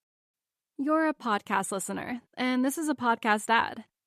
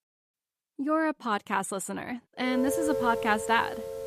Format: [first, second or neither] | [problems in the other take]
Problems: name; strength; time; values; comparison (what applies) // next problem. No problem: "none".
first | background music; loud; from 2.5 s on; 4 dB below the speech